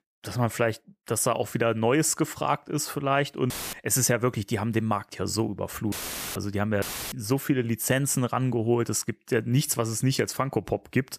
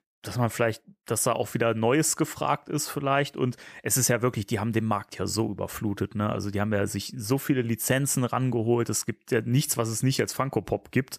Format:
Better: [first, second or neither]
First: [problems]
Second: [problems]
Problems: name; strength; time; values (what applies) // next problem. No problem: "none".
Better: second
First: audio cutting out; filled with static; at 3.5 s, at 6 s and at 7 s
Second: none